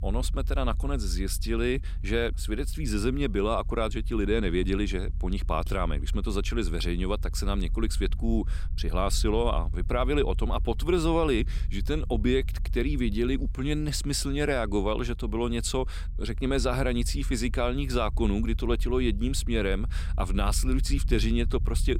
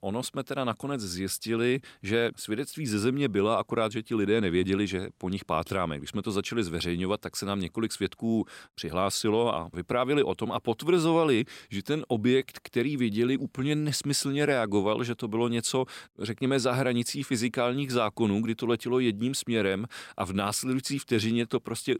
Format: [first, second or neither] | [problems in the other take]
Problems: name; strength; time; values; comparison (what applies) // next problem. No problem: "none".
second | low rumble; faint; throughout; 20 dB below the speech